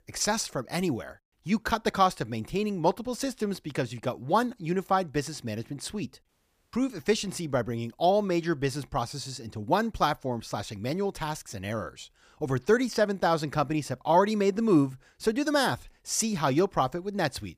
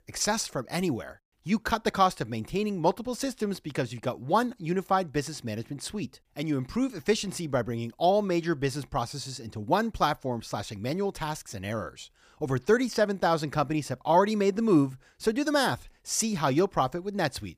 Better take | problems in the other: second | audio cutting out; at 6.5 s

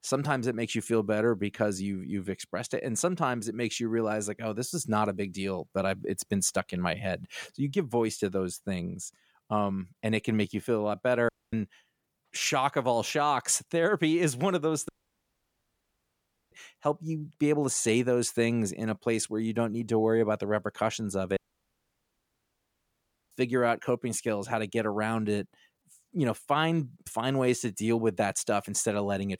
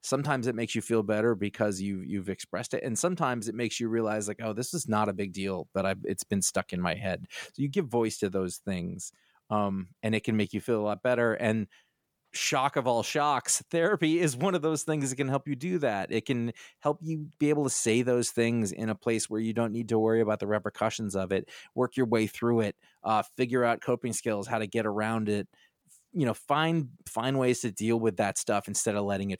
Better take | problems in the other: second | audio cutting out; at 11 s, at 15 s for 1.5 s and at 21 s for 2 s

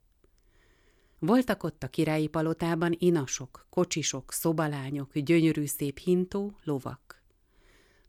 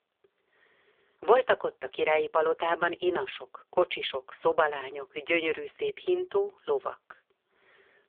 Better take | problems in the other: first | phone-call audio; poor line; nothing above 3.5 kHz

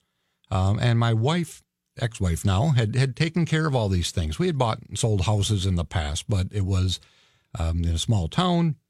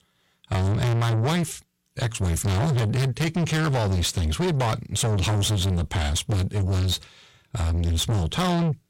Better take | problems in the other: first | distortion; heavy; 7 dB below the speech

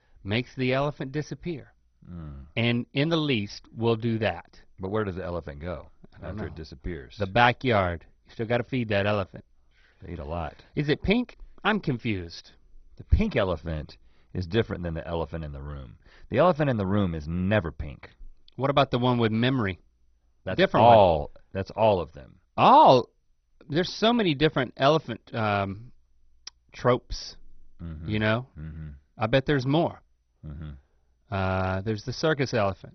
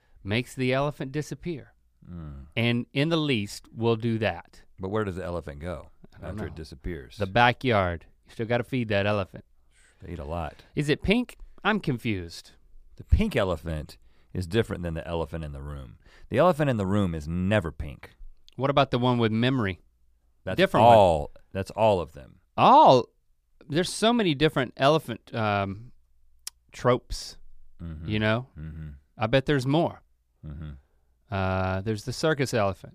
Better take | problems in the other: second | garbled, watery; badly; nothing above 6 kHz

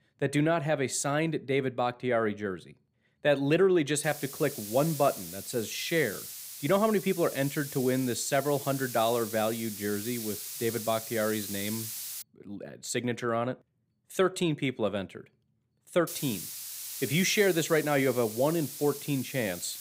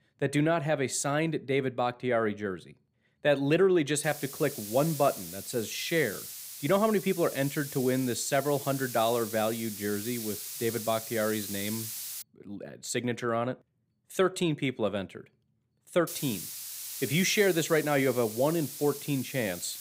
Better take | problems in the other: neither | hiss; loud; from 4 to 12 s and from 16 s on; 9 dB below the speech; the same in both

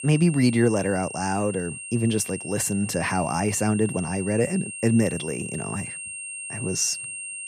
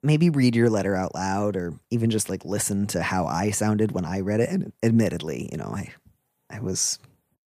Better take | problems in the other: second | high-pitched whine; loud; throughout; 8.5 kHz, 9 dB below the speech

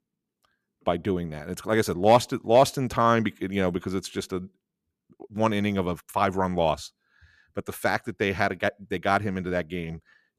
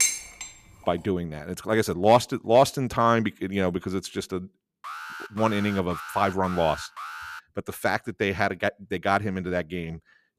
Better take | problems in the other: first | clattering dishes; loud; at the start; peak 3 dB above the speech // alarm; faint; from 5 to 7.5 s; peak 10 dB below the speech

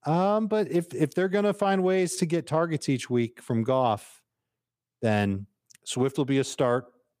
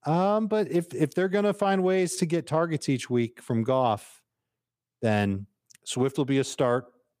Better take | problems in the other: neither | none

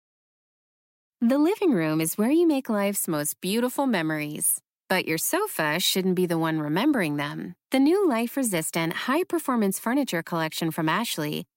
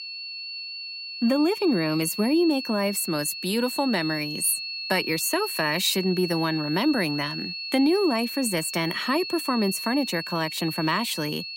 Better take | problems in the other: first | high-pitched whine; loud; throughout; 4.5 kHz, 7 dB below the speech

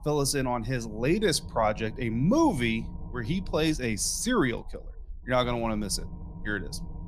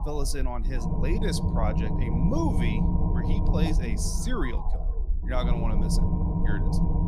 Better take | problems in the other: first | low rumble; loud; throughout; 2 dB below the speech; faint in the first

